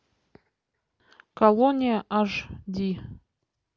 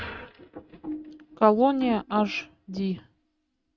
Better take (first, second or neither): first